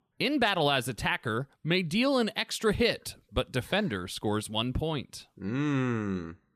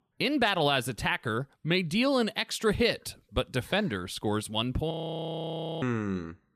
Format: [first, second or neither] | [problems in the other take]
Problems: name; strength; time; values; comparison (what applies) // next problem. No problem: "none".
first | audio freezing; at 5 s for 1 s